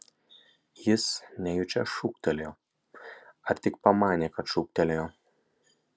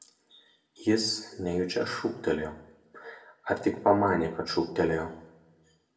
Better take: first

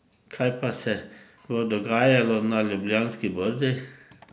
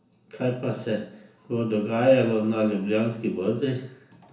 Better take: first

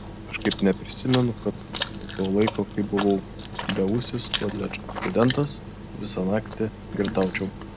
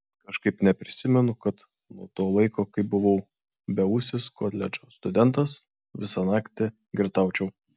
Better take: second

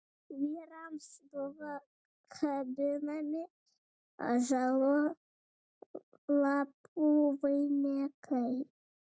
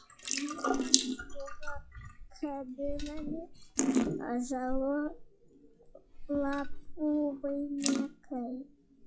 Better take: first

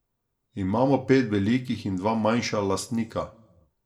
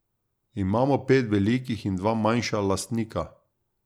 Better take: second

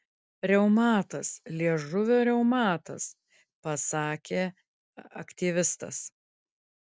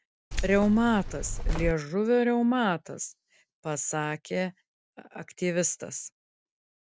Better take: first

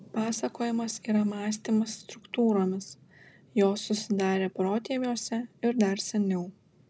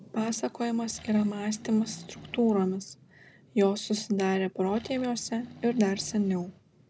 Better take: first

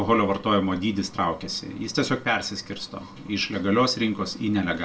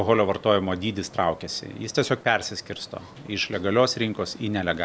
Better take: second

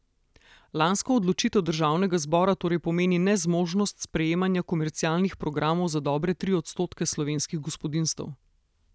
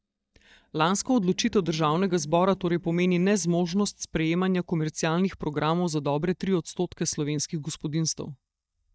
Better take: first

